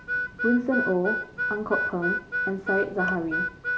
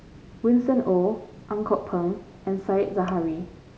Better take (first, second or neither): second